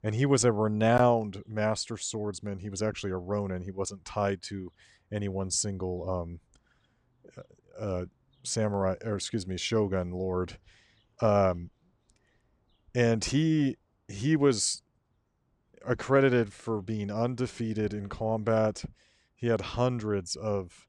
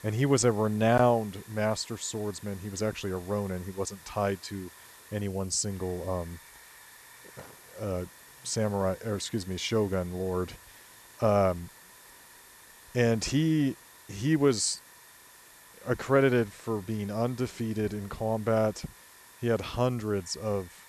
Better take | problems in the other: first | hiss; faint; throughout; 20 dB below the speech

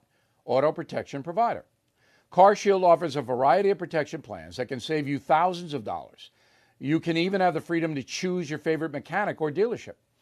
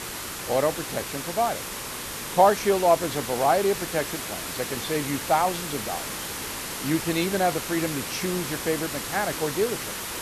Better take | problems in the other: first | hiss; loud; throughout; 5 dB below the speech

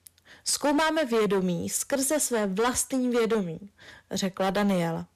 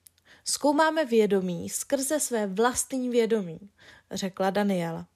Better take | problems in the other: second | distortion; heavy; 13% of the sound clipped

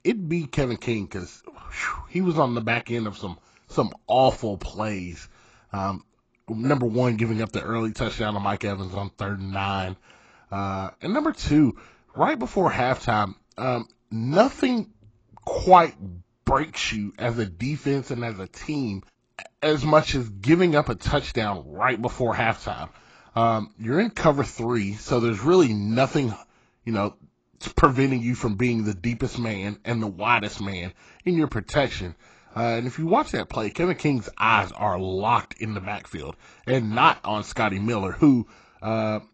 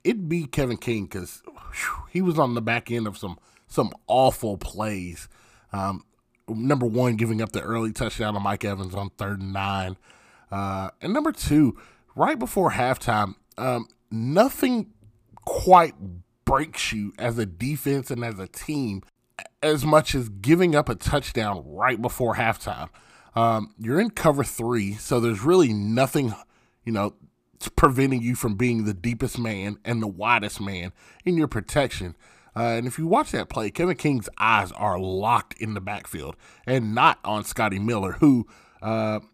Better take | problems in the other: second | garbled, watery; badly; nothing above 7.5 kHz

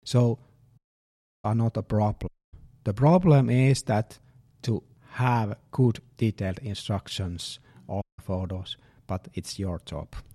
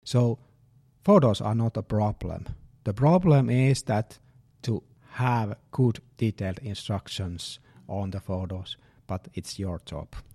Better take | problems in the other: second | audio cutting out; at 1 s for 0.5 s, at 2.5 s and at 8 s

